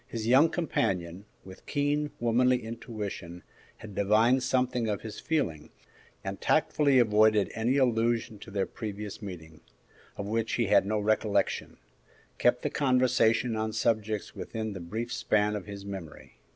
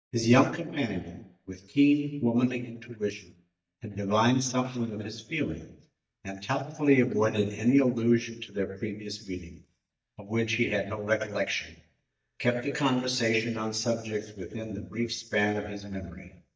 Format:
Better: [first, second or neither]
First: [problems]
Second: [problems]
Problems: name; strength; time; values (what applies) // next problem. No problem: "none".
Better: first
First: none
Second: noise reduction (neural mask model DeepFilterNet 3)